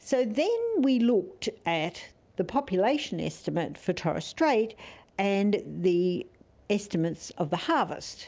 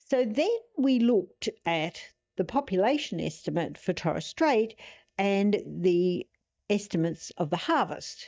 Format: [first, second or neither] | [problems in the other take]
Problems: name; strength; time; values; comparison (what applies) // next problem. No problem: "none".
first | noise reduction (neural mask model DeepFilterNet 3)